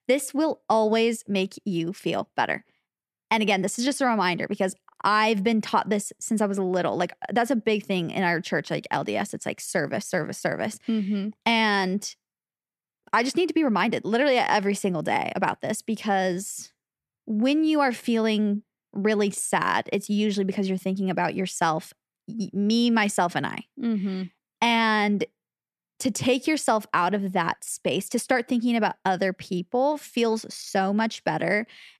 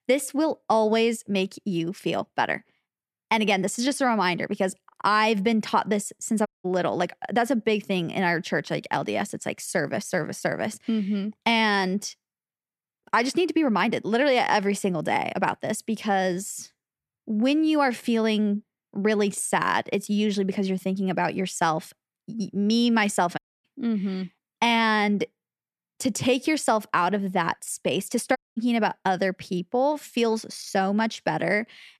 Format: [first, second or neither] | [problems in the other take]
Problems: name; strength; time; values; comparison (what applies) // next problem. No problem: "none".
first | audio cutting out; at 6.5 s, at 23 s and at 28 s